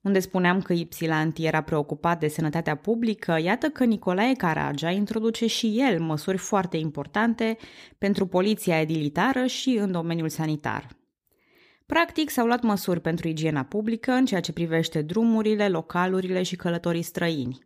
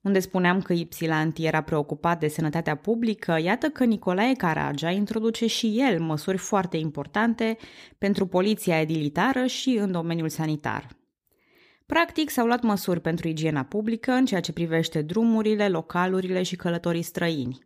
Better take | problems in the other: neither | none

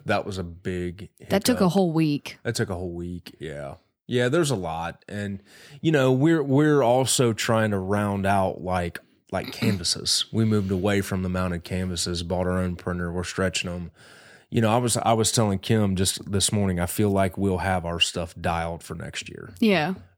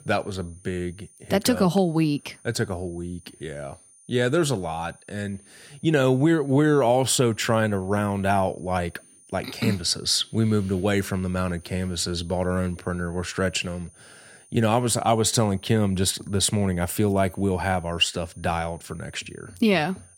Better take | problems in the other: first | high-pitched whine; faint; throughout; 9.5 kHz, 25 dB below the speech

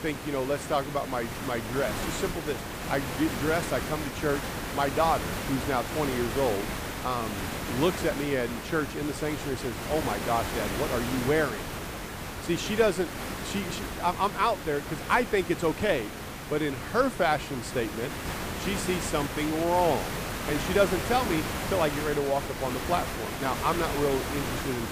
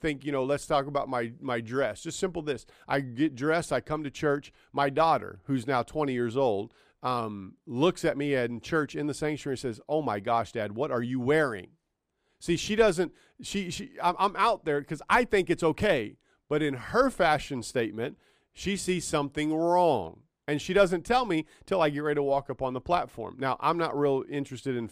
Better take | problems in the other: second | hiss; loud; throughout; 4 dB below the speech

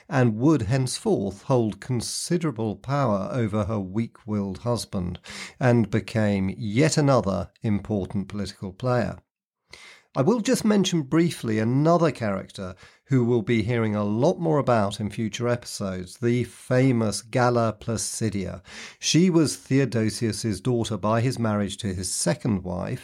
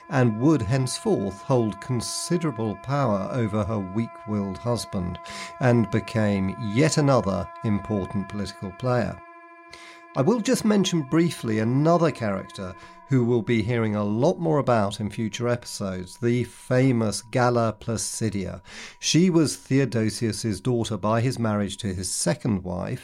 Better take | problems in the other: first | background music; noticeable; throughout; 20 dB below the speech

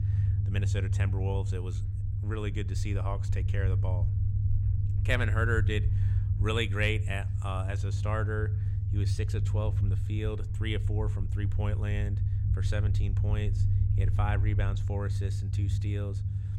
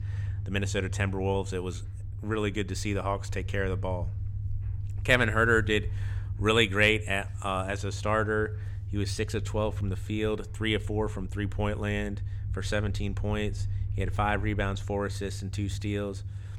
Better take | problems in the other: second | low rumble; loud; throughout; 8 dB below the speech; faint in the second

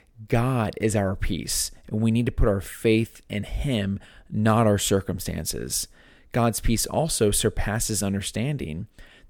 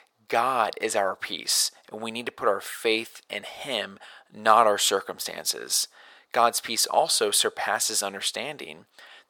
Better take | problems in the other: first | thin; very; fading below 600 Hz

